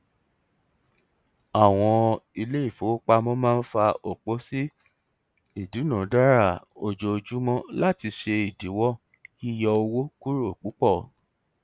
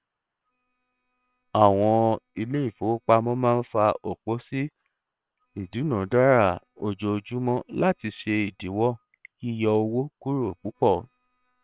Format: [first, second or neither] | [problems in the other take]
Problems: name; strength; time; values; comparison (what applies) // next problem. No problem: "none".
first | noise reduction (neural separator model SepFormer WHAM!)